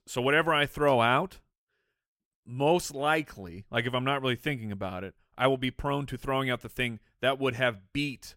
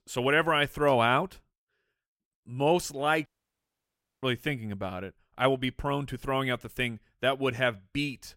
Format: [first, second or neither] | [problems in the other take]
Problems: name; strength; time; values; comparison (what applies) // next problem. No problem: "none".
first | audio cutting out; at 3.5 s for 1 s